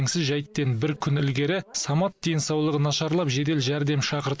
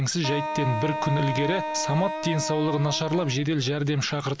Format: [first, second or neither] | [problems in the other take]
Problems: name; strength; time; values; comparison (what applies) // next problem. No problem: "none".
first | background sound (Wind instrument, woodwind instrument); 6 dB below the speech